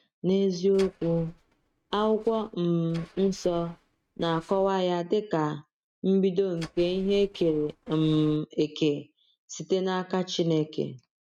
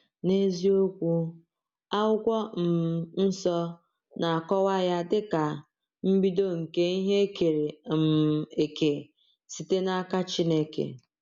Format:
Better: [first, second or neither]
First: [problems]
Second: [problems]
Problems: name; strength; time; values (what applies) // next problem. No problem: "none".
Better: second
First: noise reduction (neural mask model RNNoise)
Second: none